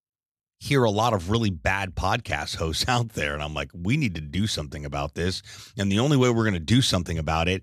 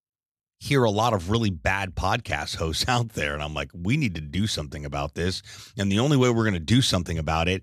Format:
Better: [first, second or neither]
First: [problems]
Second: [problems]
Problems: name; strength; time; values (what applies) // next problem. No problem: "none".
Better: neither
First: none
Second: none